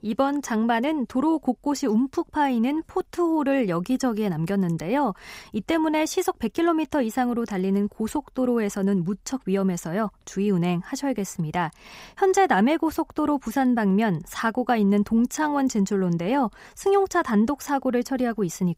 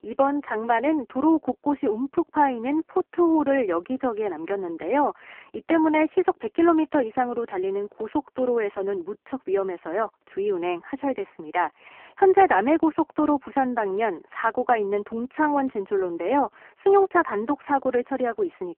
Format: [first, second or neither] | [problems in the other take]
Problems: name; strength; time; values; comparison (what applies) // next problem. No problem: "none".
first | phone-call audio; poor line